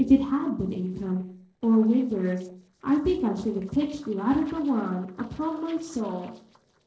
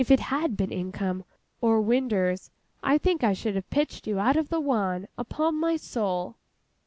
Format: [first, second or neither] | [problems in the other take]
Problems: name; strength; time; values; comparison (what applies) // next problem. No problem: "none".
second | noise reduction (neural separator model SepFormer DNS4)